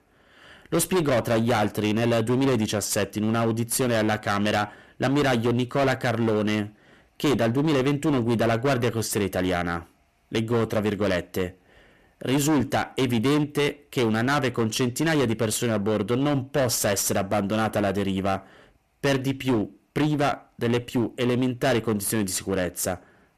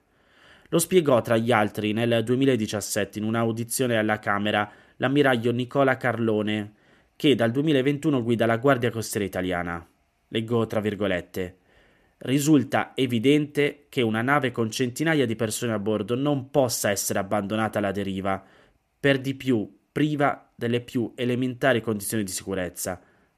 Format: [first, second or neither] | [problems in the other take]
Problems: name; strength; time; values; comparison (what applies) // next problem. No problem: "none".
second | distortion; heavy; 20% of the sound clipped